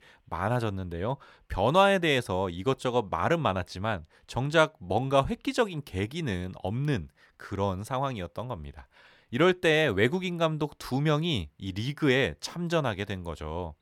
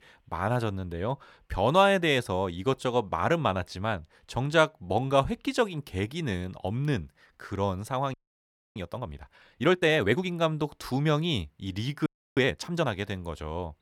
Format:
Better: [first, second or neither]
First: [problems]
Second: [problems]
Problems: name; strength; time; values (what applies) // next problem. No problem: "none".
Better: first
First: none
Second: audio freezing; at 8 s for 0.5 s and at 12 s